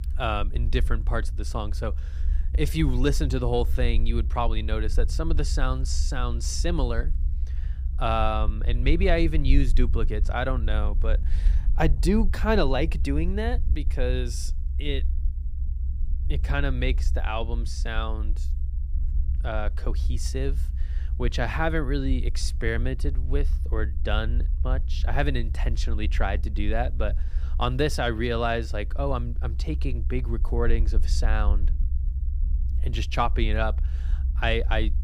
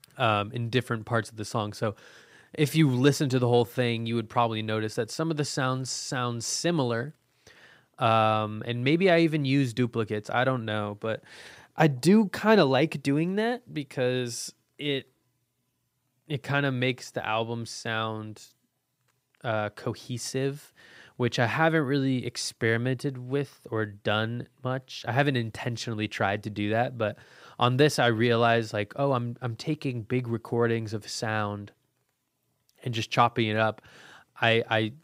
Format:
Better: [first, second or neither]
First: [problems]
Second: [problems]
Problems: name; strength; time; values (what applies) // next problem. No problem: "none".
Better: second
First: low rumble; noticeable; throughout; 20 dB below the speech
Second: none